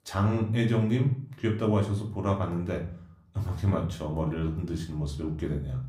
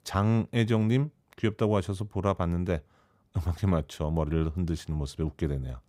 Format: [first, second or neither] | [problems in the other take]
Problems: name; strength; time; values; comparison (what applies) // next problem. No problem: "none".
second | room echo; slight; dies away in 0.4 s // off-mic speech; somewhat distant